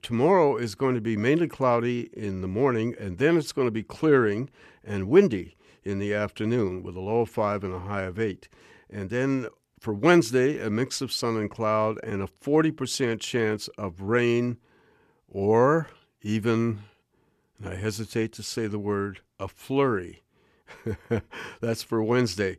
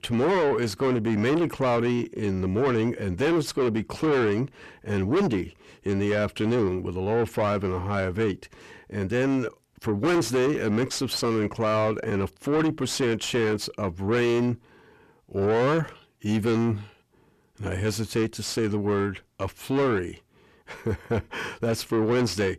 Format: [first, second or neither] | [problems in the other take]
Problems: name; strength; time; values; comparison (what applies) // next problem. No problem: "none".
first | distortion; heavy; 6 dB below the speech